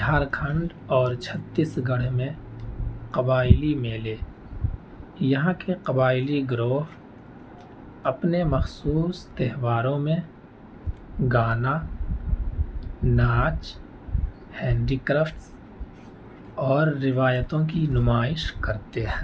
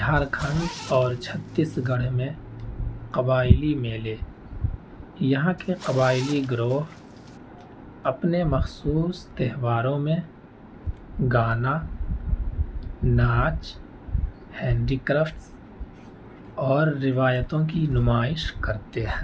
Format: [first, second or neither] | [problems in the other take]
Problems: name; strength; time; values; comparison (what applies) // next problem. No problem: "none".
first | background sound (Zipper (clothing)); 16 dB below the speech